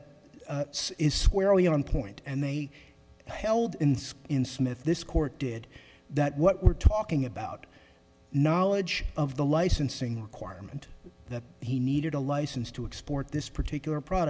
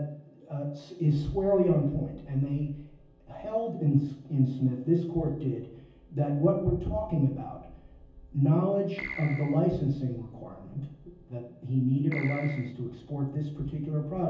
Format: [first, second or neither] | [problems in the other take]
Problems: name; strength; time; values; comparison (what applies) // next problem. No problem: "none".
first | background sound (Keyboard (musical)); 10 dB below the speech // room echo; dies away in 0.7 s